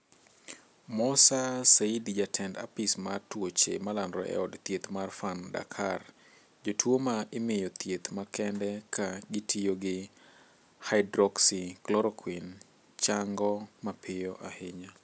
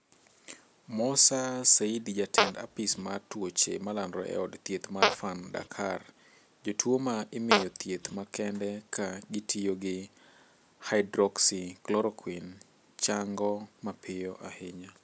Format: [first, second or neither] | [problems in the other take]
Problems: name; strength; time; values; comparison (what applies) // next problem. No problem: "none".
first | background sound (Fart); 1 dB below the speech